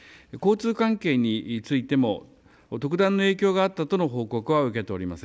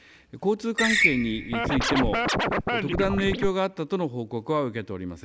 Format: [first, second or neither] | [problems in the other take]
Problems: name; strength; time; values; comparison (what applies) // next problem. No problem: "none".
first | background sound (Scratching (performance technique) + Screech); 2 dB above the speech